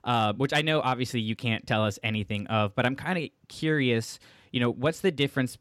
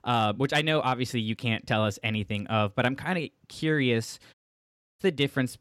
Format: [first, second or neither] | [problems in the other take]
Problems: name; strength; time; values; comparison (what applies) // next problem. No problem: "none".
first | audio cutting out; at 4.5 s for 0.5 s